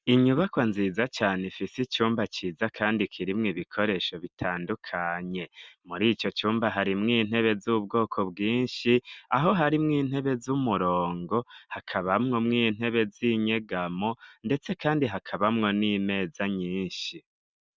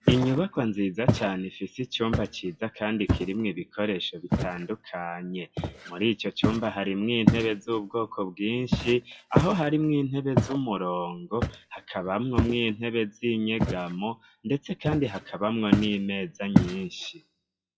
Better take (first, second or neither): first